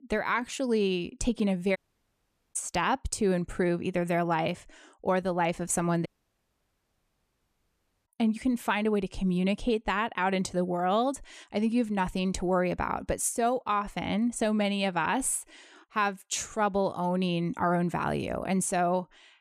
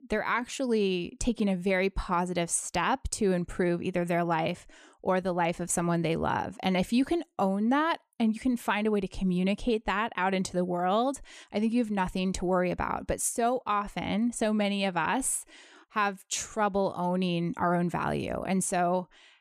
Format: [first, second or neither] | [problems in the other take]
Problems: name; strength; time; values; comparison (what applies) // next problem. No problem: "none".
second | audio cutting out; at 2 s for 1 s and at 6 s for 2 s